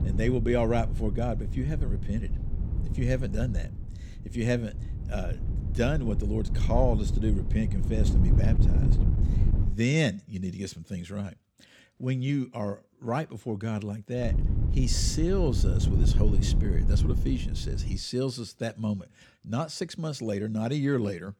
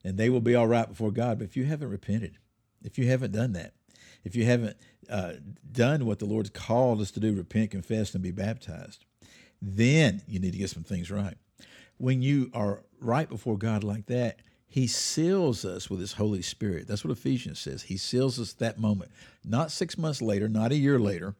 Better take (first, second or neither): second